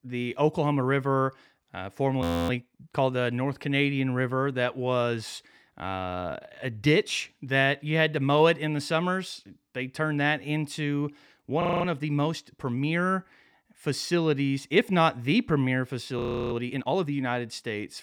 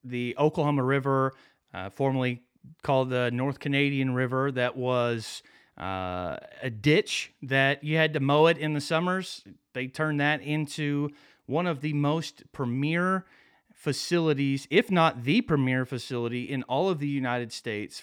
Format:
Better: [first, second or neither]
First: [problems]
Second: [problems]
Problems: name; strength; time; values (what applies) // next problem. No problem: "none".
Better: second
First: audio freezing; at 2 s, at 12 s and at 16 s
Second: none